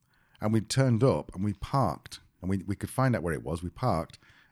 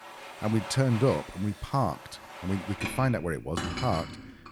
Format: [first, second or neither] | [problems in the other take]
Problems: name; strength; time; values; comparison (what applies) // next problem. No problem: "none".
first | household noises; loud; throughout; 10 dB below the speech